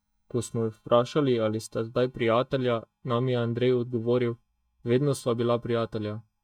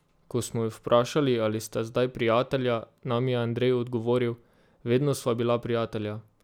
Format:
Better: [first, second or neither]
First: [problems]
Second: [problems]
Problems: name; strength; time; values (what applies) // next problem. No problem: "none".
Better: second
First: noise reduction (neural mask model DeepFilterNet 3)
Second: none